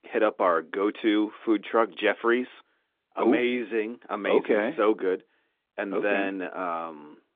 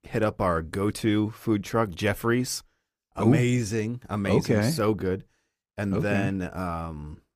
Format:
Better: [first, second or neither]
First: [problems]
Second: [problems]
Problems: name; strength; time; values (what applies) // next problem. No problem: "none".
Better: second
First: phone-call audio; nothing above 3.5 kHz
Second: none